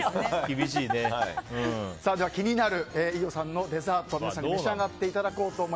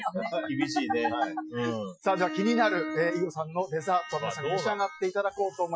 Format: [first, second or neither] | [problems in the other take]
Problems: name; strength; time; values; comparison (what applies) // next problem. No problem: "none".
first | noise reduction (classical method Wiener filter)